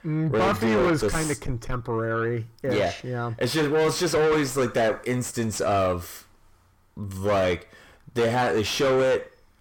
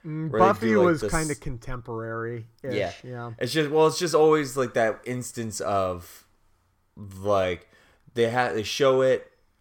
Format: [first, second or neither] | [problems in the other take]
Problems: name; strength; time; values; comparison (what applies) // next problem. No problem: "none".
second | distortion; heavy; 6 dB below the speech